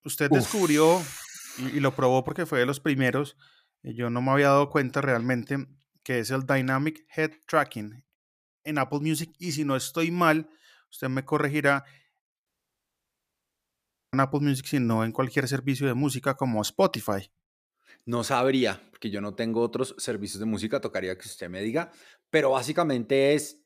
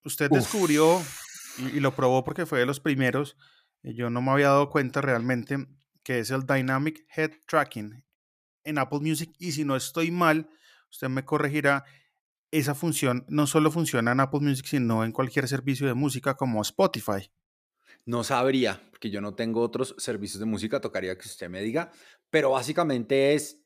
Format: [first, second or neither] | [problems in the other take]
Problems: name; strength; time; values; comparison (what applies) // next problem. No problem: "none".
second | audio cutting out; at 12 s for 1.5 s